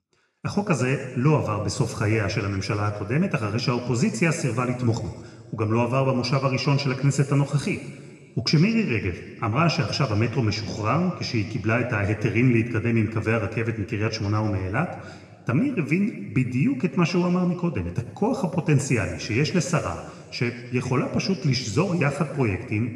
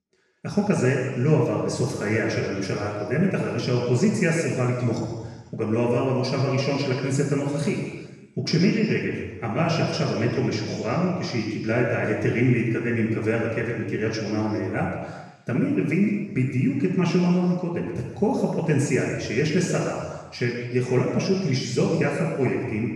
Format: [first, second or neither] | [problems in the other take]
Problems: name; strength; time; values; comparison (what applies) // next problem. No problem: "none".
first | room echo; strong; dies away in 1.3 s; slight in the first // off-mic speech; far